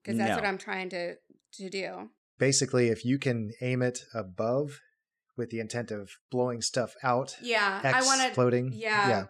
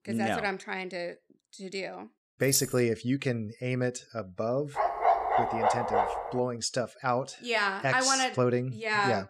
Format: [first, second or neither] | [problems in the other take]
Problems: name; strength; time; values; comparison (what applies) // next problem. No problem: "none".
first | jangling keys; noticeable; at 2.5 s; peak 2 dB below the speech // dog barking; loud; from 5 to 6.5 s; peak 4 dB above the speech